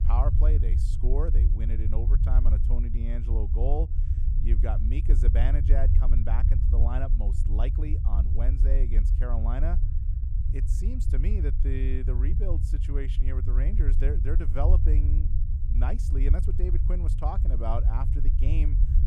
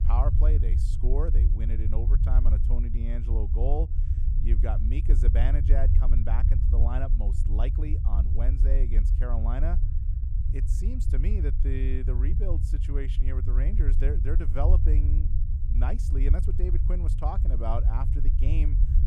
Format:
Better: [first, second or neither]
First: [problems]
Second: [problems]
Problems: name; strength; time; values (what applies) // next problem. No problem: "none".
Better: neither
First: low rumble; loud; throughout; 5 dB below the speech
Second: low rumble; loud; throughout; 5 dB below the speech